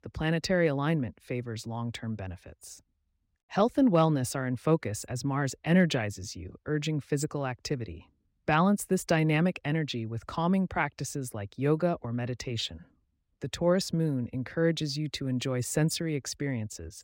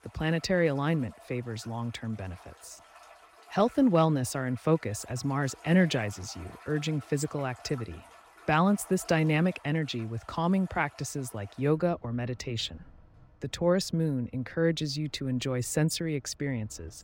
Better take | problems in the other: first | rain or running water; faint; throughout; 25 dB below the speech

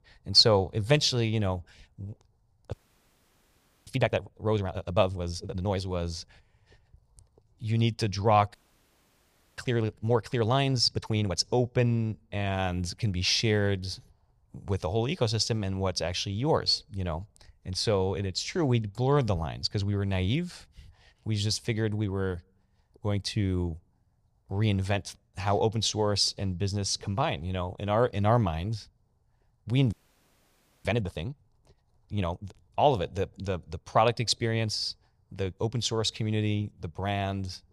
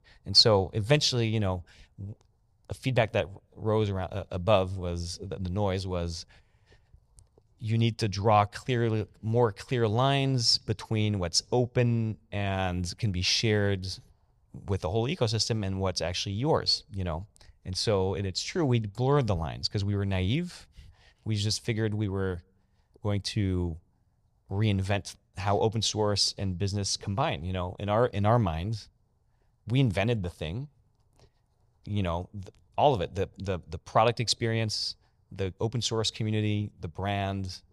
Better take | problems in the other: second | audio freezing; at 2.5 s for 1 s, at 8.5 s for 1 s and at 30 s for 1 s

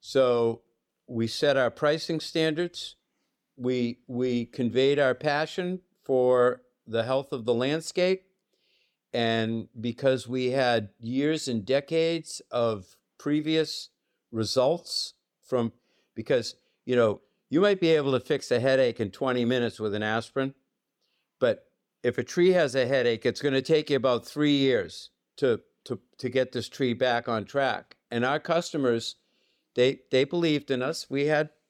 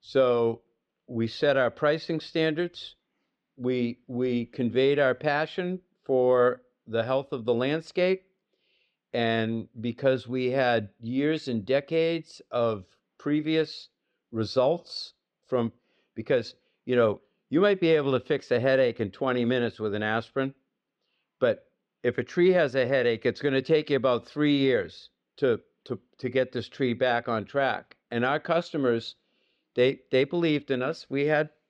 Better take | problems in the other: first | muffled; very slightly; fading above 3 kHz

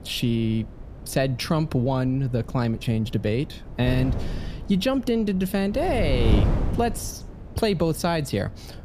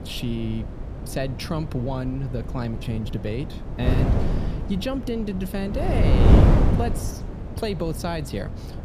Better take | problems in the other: first | wind noise on the microphone; heavy; 1 dB below the speech; occasional gusts in the first

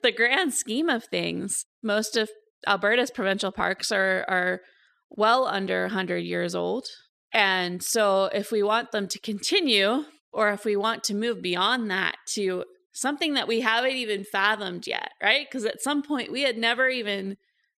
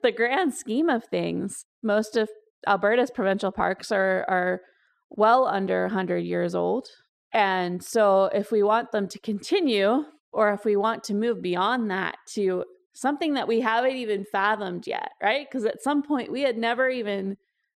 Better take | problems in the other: first | muffled; slightly; fading above 1.5 kHz

